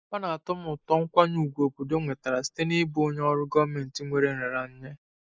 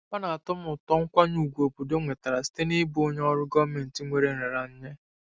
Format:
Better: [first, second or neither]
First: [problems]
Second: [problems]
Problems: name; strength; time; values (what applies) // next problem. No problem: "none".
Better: second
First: noise reduction (neural mask model Resemble Enhance denoiser)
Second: none